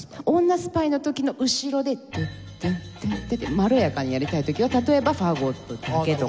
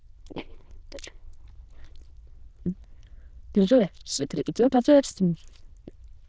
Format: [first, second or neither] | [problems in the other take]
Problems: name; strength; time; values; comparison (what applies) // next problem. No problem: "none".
first | noise reduction (neural diffusion model UNIVERSE++)